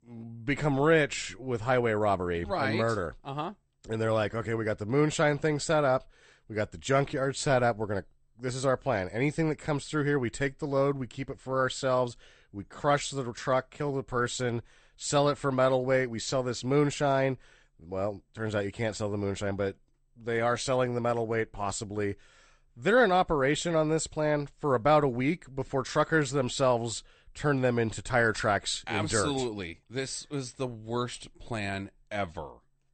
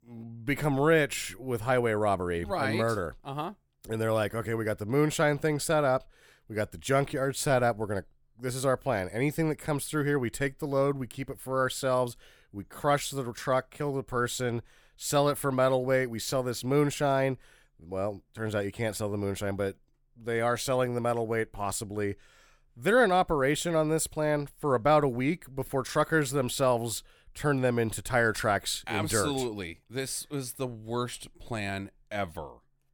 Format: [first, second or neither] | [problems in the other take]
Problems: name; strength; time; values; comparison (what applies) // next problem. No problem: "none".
second | garbled, watery; slightly; nothing above 8.5 kHz